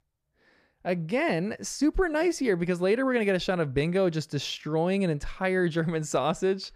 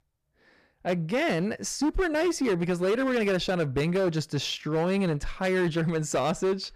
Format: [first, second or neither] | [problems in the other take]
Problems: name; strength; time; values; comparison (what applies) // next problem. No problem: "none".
first | distortion; slight; 14% of the sound clipped